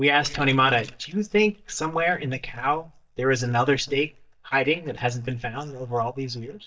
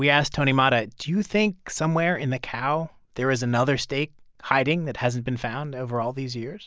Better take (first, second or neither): second